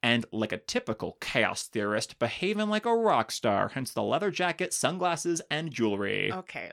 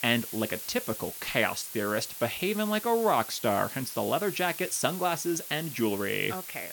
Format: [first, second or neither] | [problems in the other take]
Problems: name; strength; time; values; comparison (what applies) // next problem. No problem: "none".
first | hiss; loud; throughout; 8 dB below the speech